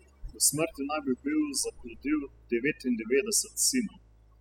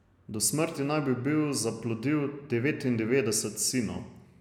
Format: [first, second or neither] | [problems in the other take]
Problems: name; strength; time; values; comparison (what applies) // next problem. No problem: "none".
second | noise reduction (classical method spectral subtraction)